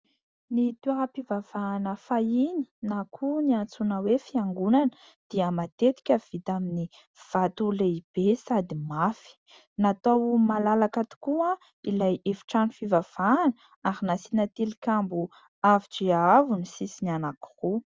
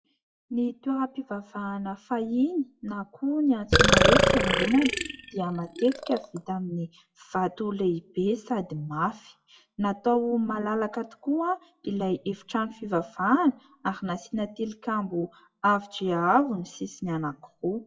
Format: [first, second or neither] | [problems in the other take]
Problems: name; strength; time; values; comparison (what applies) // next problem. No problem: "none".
first | noise reduction (classical method WPE with log-MMSE)